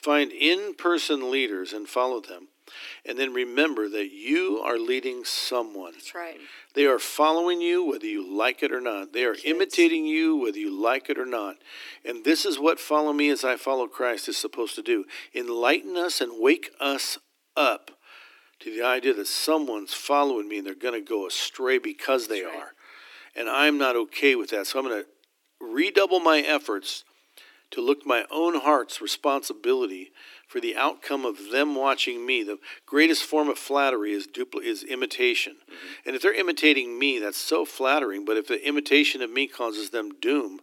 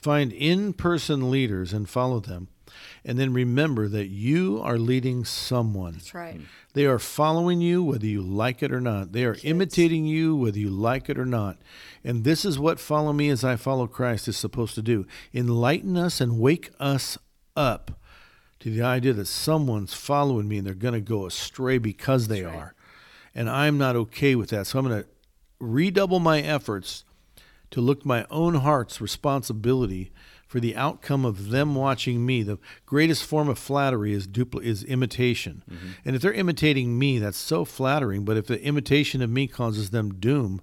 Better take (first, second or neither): second